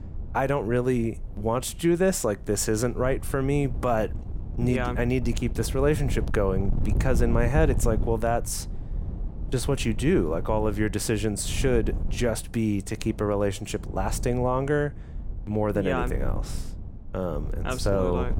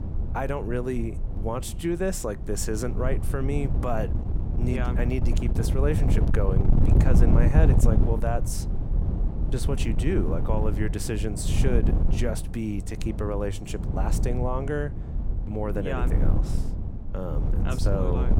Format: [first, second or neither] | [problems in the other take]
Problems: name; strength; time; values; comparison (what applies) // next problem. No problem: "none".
first | wind noise on the microphone; heavy; 6 dB below the speech; occasional gusts in the first